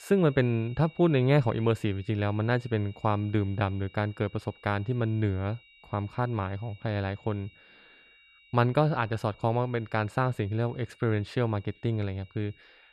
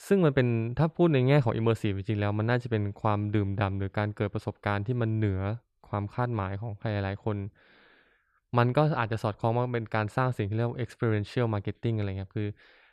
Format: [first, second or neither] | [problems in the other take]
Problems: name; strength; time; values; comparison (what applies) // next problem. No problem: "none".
second | high-pitched whine; faint; throughout; 3 kHz, 25 dB below the speech